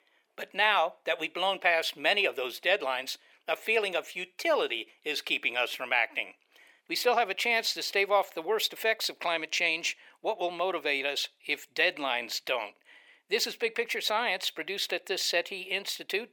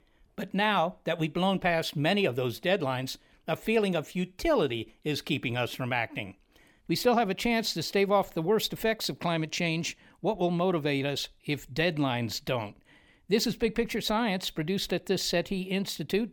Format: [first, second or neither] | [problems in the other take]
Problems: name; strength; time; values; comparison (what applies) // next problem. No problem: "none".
second | thin; very; fading below 450 Hz